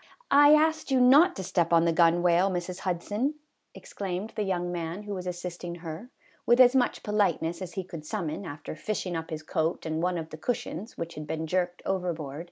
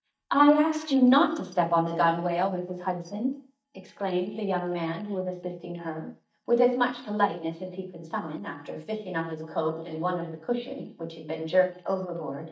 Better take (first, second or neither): first